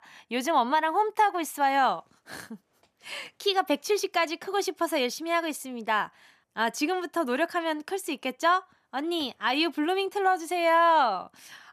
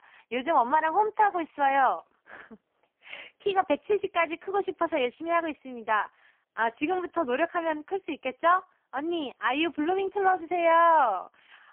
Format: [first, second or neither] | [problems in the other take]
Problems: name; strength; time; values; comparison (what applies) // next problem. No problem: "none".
first | phone-call audio; poor line; nothing above 3 kHz